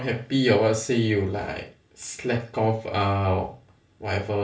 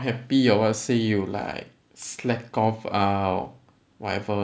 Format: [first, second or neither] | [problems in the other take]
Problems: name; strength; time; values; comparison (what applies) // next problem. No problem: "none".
second | room echo; dies away in 0.2 s